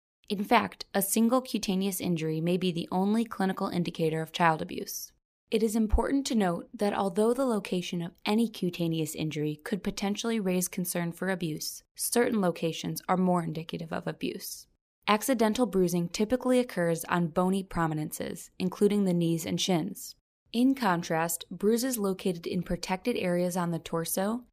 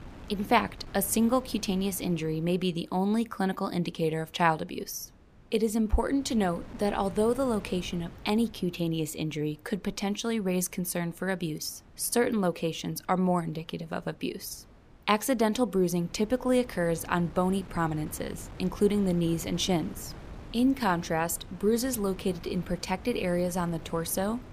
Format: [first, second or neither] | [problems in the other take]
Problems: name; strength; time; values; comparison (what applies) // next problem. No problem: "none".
first | wind noise on the microphone; occasional gusts; 20 dB below the speech